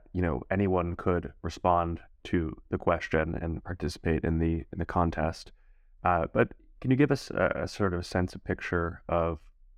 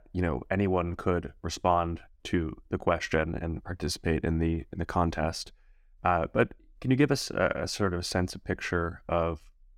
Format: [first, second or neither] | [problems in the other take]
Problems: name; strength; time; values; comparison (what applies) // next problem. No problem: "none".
second | muffled; slightly; fading above 3 kHz